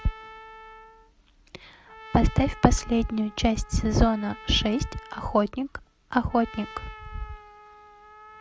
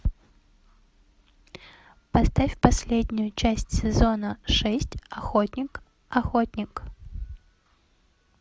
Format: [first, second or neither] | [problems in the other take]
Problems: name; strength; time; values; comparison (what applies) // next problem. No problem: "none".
second | background sound (Trumpet); 20 dB below the speech